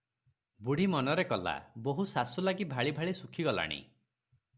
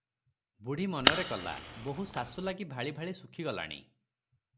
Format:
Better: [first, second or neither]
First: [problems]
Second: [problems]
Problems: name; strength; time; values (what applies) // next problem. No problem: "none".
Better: first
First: none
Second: background sound (Fire); 5 dB above the speech